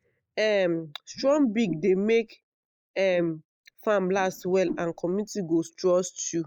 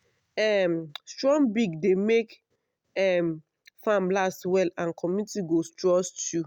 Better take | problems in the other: second | noise reduction (neural mask model Resemble Enhance denoiser)

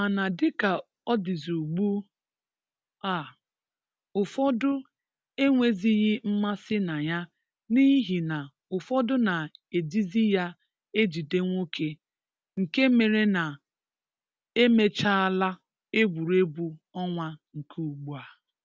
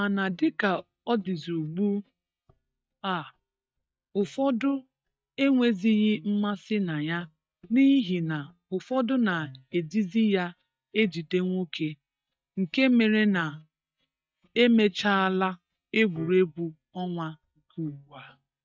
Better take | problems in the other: first | noise reduction (neural mask model DeepFilterNet 3)

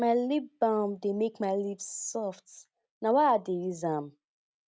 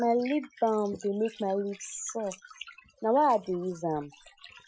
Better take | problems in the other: first | noise reduction (classical method Wiener filter)

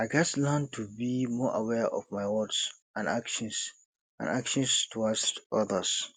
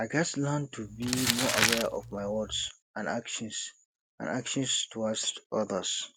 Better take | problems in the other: first | background sound (Crumpling, crinkling); 1 dB above the speech

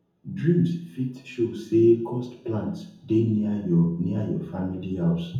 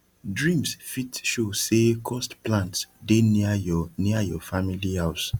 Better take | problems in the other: second | room echo; dies away in 0.7 s

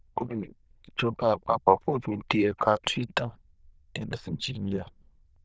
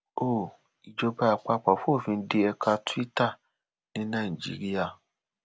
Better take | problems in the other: second | noise reduction (neural diffusion model UNIVERSE++)

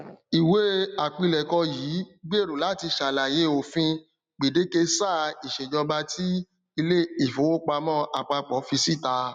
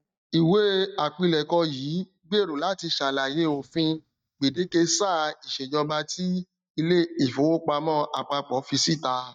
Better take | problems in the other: first | noise reduction (neural mask model DeepFilterNet 3)

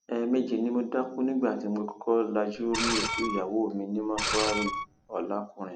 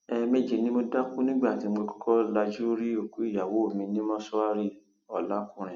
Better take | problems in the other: second | background sound (Screech); 3 dB below the speech

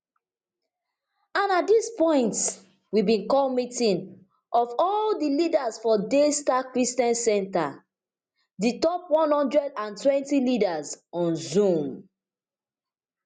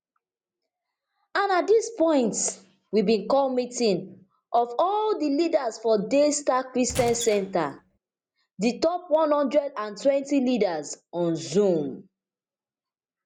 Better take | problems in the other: first | background sound (Squeak / Wood); 12 dB below the speech

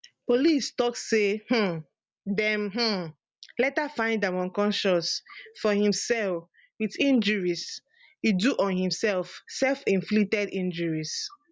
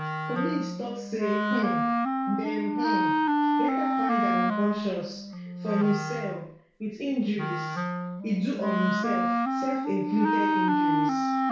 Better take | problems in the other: first | background sound (Wind instrument, woodwind instrument); 3 dB above the speech // room echo; dies away in 0.6 s

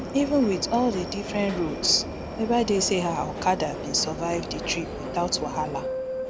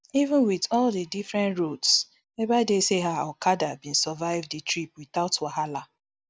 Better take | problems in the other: second | background sound (Subway, metro, underground); 6 dB below the speech

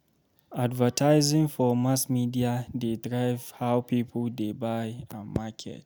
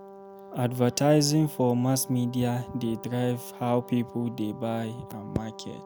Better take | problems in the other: first | background sound (Brass instrument); 17 dB below the speech

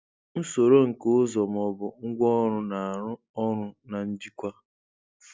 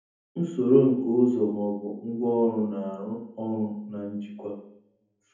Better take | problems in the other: first | room echo; dies away in 0.7 s

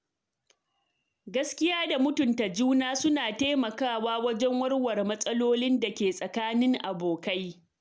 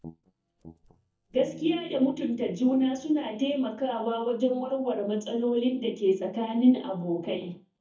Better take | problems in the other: first | noise reduction (neural mask model DeepFilterNet 3)

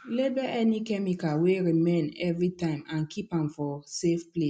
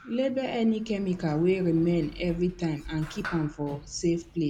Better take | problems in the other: first | background sound (Sliding door); 16 dB below the speech

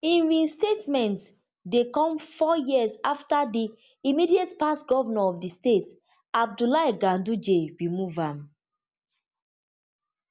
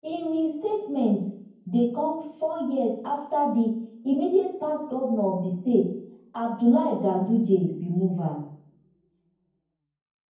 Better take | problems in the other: first | room echo; dies away in 0.9 s

